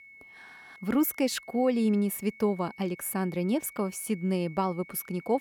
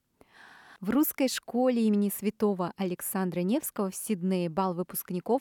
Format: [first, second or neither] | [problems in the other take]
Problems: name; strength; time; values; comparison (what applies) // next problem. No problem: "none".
second | high-pitched whine; noticeable; throughout; 2 kHz, 20 dB below the speech